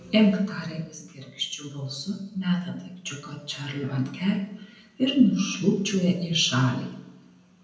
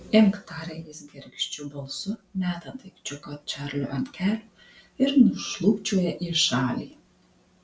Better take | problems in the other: second | room echo; dies away in 0.7 s

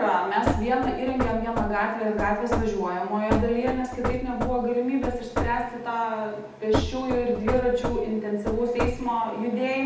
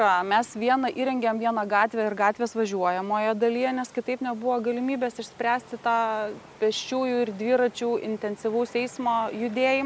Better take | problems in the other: second | background sound (Knock / Wood); 5 dB below the speech // room echo; dies away in 0.8 s

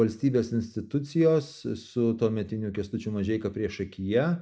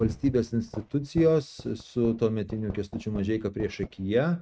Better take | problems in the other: first | noise reduction (neural mask model RNNoise)

